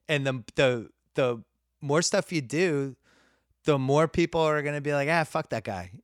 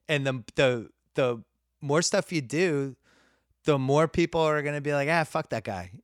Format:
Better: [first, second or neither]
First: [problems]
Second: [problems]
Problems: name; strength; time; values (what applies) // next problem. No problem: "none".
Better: neither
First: none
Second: none